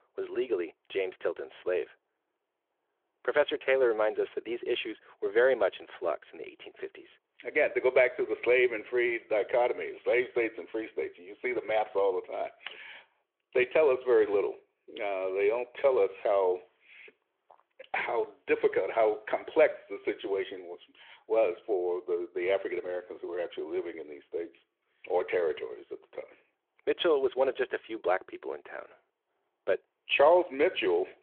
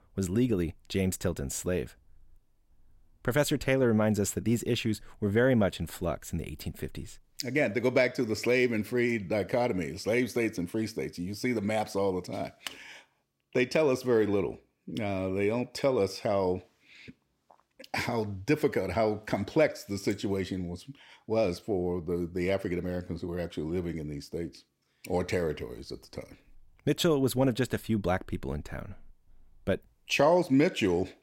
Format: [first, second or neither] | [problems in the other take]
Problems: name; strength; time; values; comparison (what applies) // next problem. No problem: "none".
second | phone-call audio